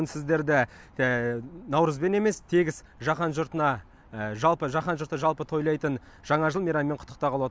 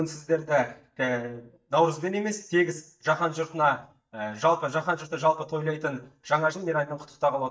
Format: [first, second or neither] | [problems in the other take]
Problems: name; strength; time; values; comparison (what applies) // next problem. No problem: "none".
first | noise reduction (neural mask model DeepFilterNet 3)